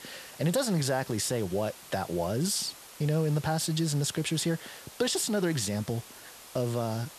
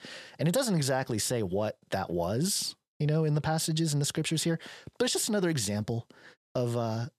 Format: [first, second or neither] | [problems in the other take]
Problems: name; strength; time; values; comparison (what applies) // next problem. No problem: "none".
second | hiss; noticeable; throughout; 15 dB below the speech